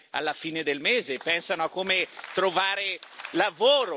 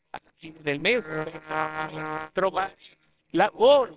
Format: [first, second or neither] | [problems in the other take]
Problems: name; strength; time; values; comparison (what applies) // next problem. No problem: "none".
first | noise reduction (neural separator model SepFormer WHAMR!)